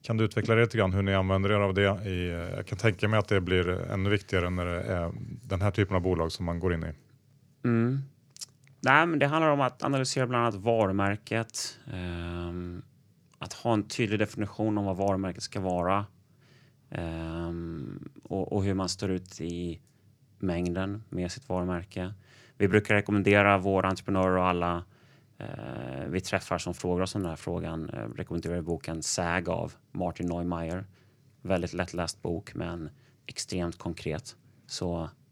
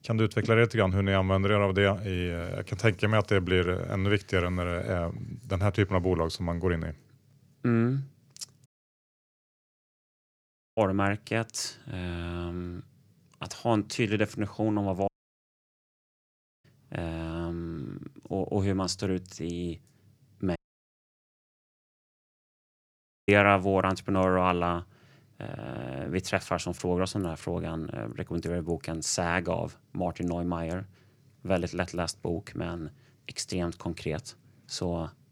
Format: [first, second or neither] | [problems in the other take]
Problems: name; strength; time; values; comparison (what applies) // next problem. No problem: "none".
first | audio cutting out; at 8.5 s for 2 s, at 15 s for 1.5 s and at 21 s for 2.5 s